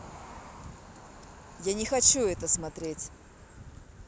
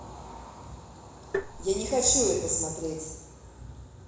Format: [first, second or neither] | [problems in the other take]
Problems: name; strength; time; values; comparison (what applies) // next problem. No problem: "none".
first | background sound (Tap); 5 dB below the speech // room echo; dies away in 1 s